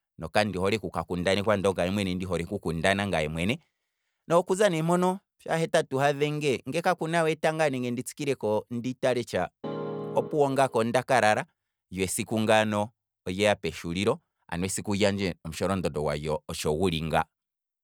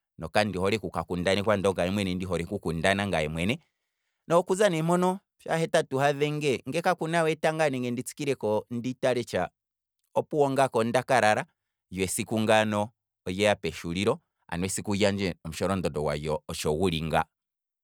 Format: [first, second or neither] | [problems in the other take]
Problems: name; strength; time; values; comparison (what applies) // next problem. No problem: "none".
second | background sound (Keyboard (musical)); 9 dB below the speech